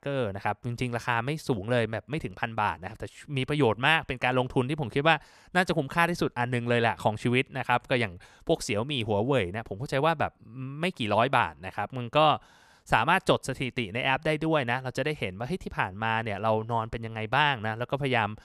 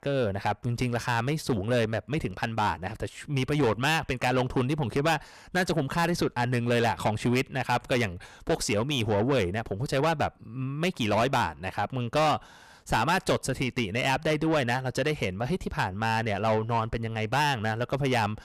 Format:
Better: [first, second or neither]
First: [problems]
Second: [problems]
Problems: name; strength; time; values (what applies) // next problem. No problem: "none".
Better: first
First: none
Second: distortion; heavy; 7 dB below the speech